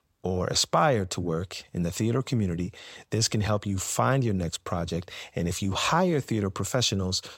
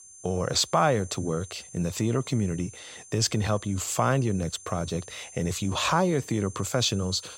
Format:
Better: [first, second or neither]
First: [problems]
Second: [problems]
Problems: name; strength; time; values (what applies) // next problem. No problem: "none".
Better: first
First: none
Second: high-pitched whine; noticeable; throughout; 6.5 kHz, 15 dB below the speech